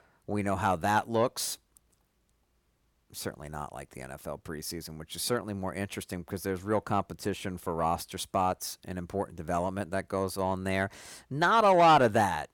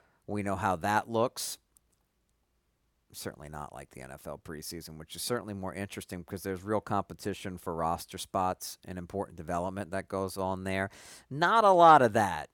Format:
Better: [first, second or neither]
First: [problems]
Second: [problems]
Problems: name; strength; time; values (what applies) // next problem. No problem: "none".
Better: second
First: distortion; slight; 10 dB below the speech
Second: none